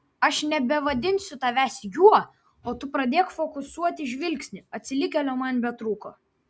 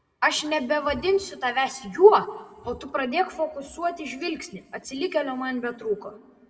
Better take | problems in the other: first | room echo; dies away in 1.1 s

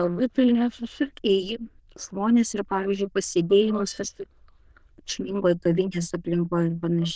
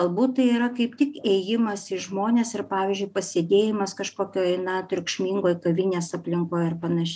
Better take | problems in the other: second | noise reduction (neural diffusion model UNIVERSE++)

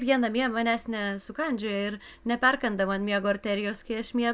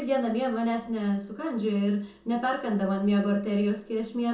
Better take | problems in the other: first | room echo; dies away in 0.5 s

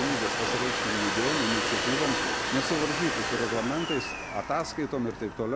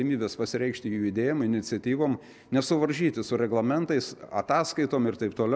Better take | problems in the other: second | background sound (Domestic sounds, home sounds); 1 dB above the speech

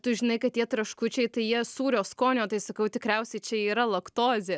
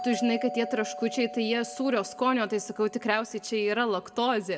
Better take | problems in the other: first | background sound (Doorbell); 13 dB below the speech // room echo; dies away in 0.7 s

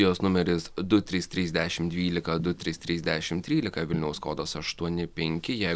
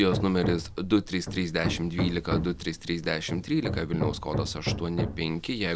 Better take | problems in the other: first | background sound (Hammer); 5 dB below the speech

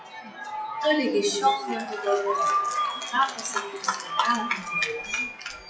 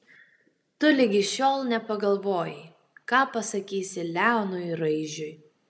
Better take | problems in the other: second | noise reduction (classical method WPE with log-MMSE)

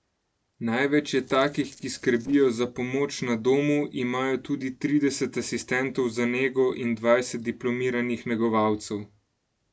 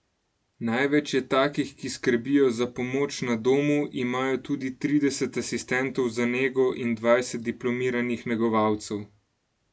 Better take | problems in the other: second | noise reduction (neural separator model SepFormer DNS4)

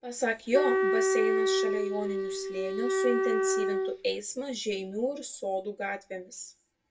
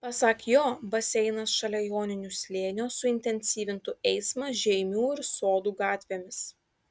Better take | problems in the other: second | background sound (Wind instrument, woodwind instrument); 5 dB above the speech // room echo; dies away in 0.2 s

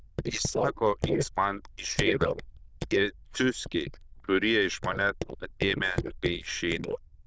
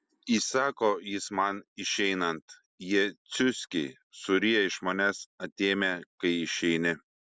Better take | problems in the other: second | noise reduction (neural diffusion model UNIVERSE++)

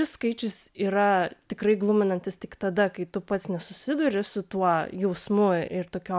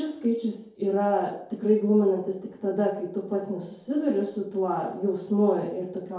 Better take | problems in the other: first | room echo; dies away in 2.2 s

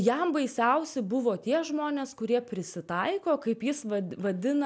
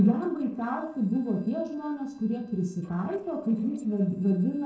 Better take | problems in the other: first | noise reduction (neural separator model SepFormer DNS4)

